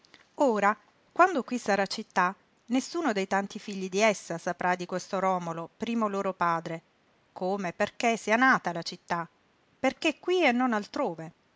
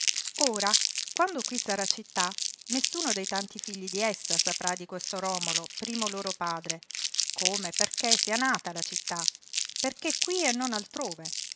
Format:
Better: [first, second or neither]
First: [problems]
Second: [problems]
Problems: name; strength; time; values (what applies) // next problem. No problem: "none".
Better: first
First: none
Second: background sound (Crumpling, crinkling); 2 dB above the speech